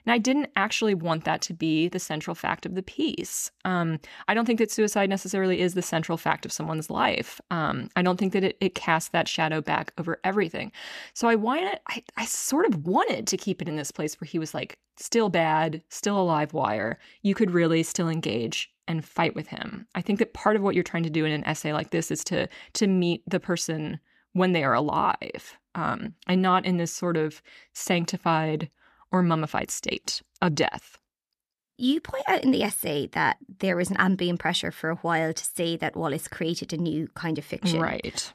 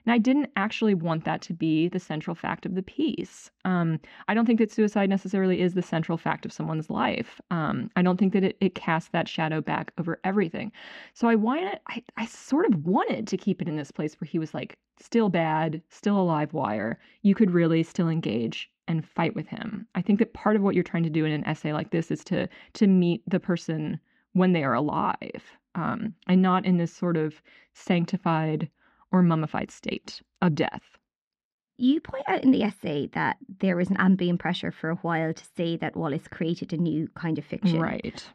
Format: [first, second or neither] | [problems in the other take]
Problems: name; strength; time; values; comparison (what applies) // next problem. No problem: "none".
first | muffled; slightly; fading above 3.5 kHz